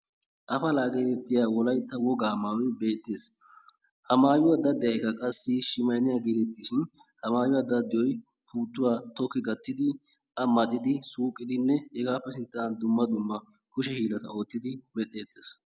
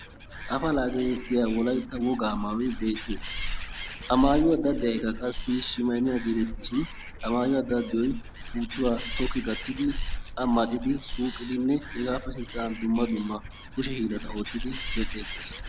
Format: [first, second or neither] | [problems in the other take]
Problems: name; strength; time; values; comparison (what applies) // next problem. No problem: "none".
first | background sound (Animal); 7 dB below the speech